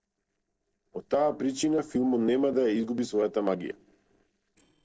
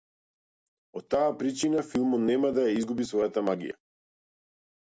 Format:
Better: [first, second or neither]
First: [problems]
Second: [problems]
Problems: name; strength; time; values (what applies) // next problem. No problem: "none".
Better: second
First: noise reduction (neural separator model SepFormer DNS4)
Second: none